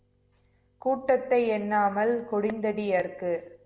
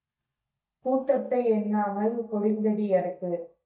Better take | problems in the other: first | noise reduction (neural mask model DeepFilterNet 3)

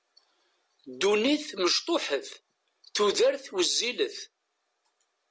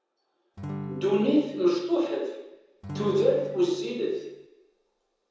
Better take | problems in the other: first | background sound (Acoustic guitar / Strum); 11 dB below the speech // room echo; dies away in 0.9 s

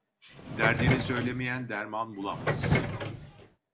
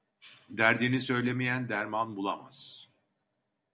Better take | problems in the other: second | background sound (Subway, metro, underground); 2 dB above the speech

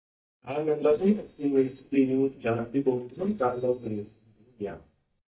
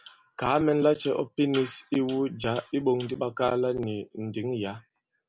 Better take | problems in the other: second | noise reduction (neural mask model DeepFilterNet 3)

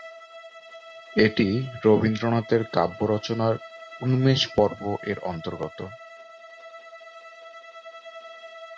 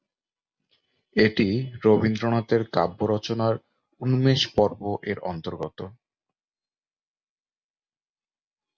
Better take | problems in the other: second | background sound (Bowed string instrument); 17 dB below the speech

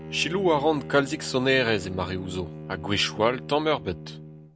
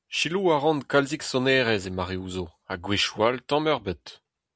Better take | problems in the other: second | background sound (Bowed string instrument); 12 dB below the speech

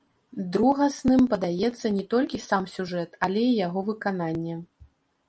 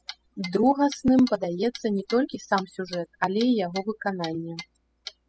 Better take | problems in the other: first | noise reduction (classical method spectral subtraction)

